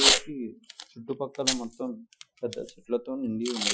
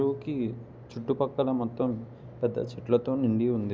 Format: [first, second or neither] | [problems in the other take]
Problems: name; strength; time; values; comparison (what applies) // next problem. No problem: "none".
second | noise reduction (classical method Wiener filter)